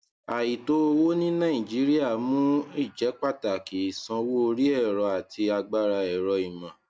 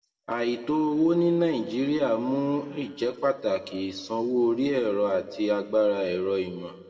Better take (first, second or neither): first